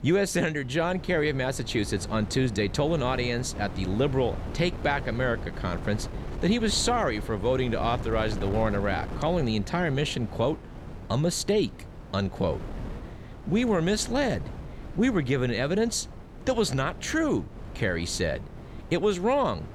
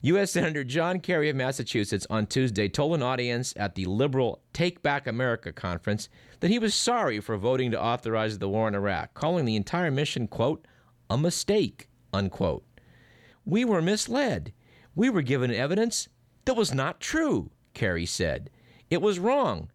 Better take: second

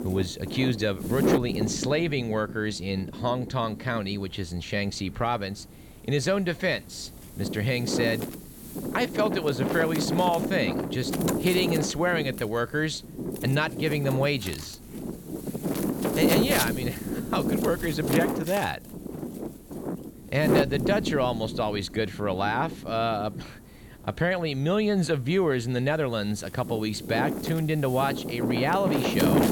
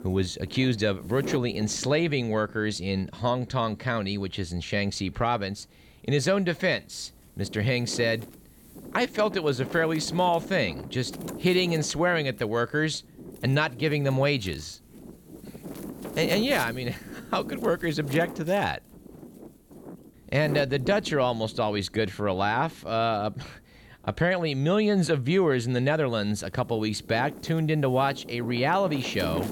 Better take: second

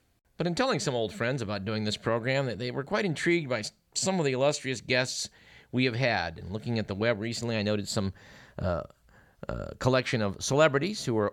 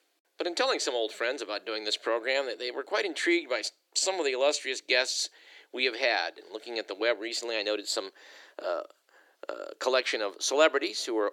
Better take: first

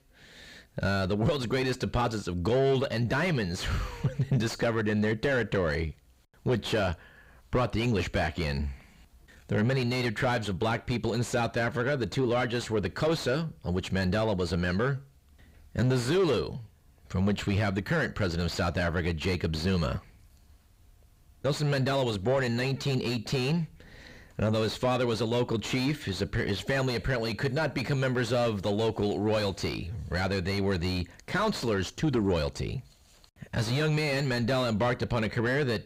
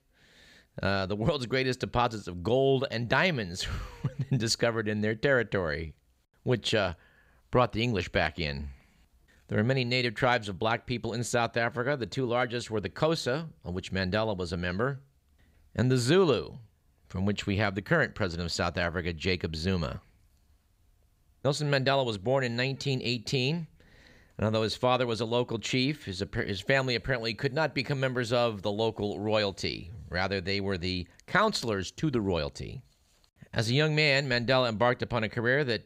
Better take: second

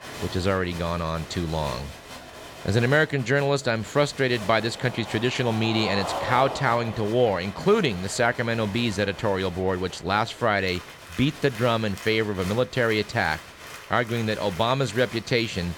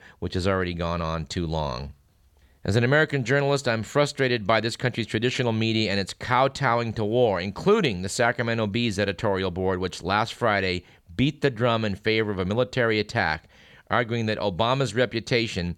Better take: second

